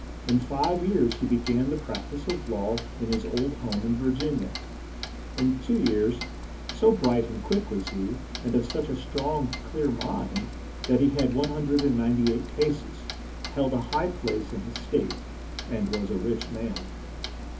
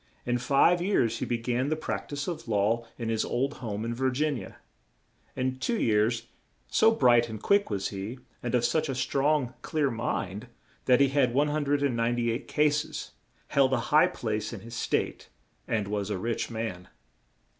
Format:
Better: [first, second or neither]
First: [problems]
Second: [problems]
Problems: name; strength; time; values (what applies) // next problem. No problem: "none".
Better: second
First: background sound (Clock); 8 dB below the speech // room echo; dies away in 0.3 s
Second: none